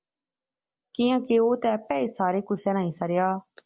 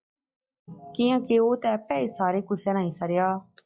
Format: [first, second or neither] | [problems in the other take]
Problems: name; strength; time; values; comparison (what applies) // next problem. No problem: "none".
first | noise reduction (classical method log-MMSE)